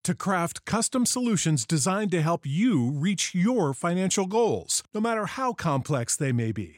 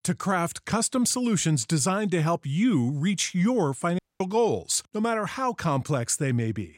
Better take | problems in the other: first | audio cutting out; at 4 s

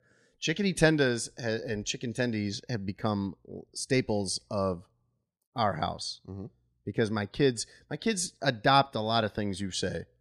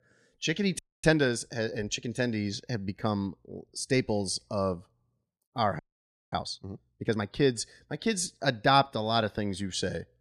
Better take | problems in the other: first | audio freezing; at 1 s and at 6 s for 0.5 s

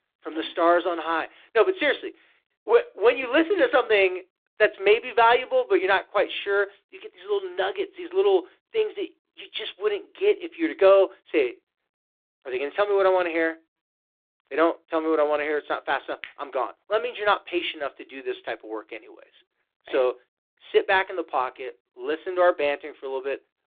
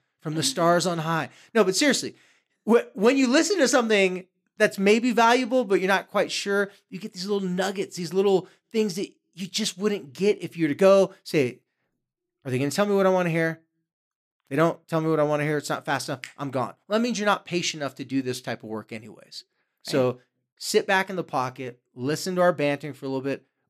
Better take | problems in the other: second | phone-call audio

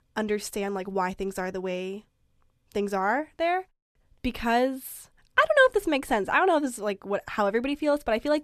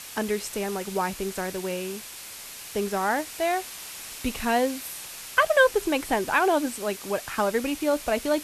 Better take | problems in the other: first | hiss; noticeable; throughout; 10 dB below the speech

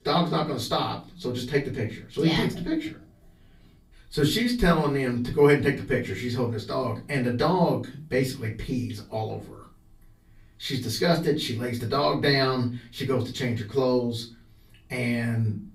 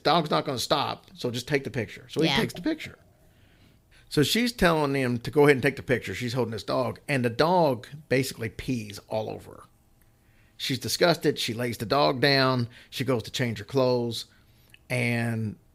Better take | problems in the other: second | off-mic speech; far // room echo; very slight; dies away in 0.3 s

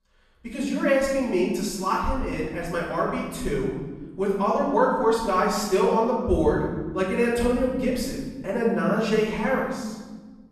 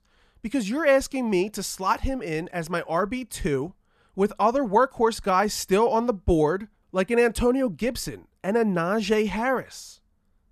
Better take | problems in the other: second | off-mic speech; far // room echo; noticeable; dies away in 1.3 s

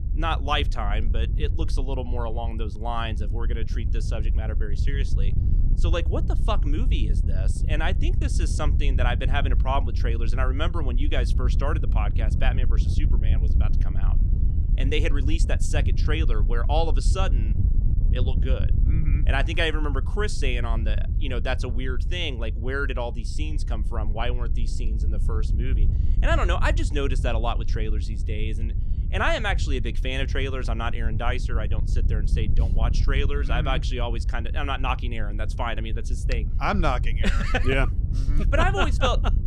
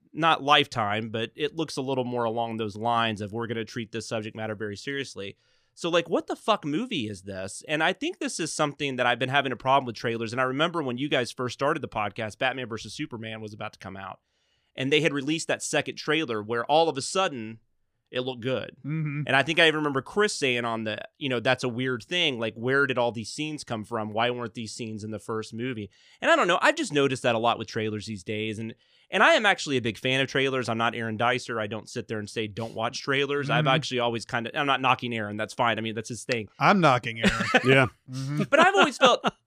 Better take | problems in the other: second | wind noise on the microphone; occasional gusts; 15 dB below the speech

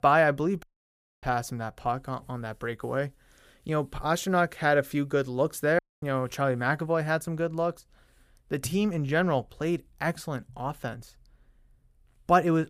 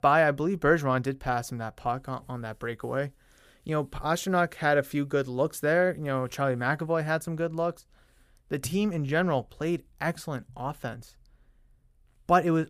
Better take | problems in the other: second | audio cutting out; at 0.5 s for 0.5 s and at 6 s

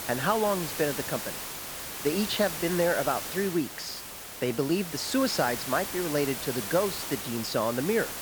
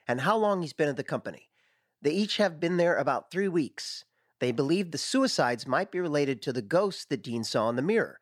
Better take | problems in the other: second | hiss; loud; throughout; 5 dB below the speech

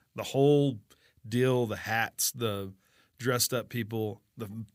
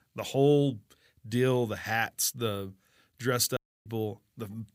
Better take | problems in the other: first | audio cutting out; at 3.5 s

